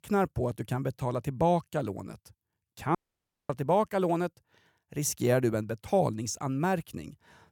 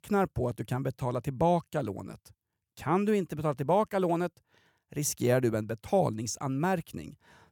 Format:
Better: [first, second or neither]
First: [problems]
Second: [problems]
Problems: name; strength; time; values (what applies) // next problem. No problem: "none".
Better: second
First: audio cutting out; at 3 s for 0.5 s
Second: none